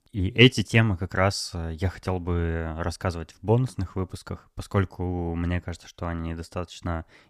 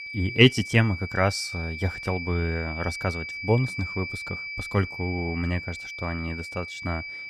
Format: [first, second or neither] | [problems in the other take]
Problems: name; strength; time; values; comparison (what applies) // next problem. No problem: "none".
first | high-pitched whine; loud; throughout; 2.5 kHz, 8 dB below the speech